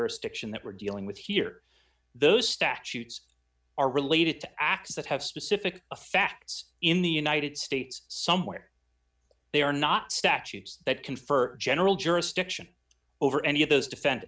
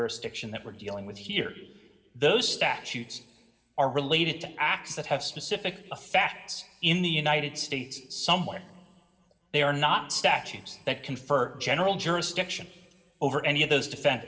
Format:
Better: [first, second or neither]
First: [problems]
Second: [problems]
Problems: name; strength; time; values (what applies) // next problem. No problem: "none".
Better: first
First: none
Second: room echo; dies away in 1.3 s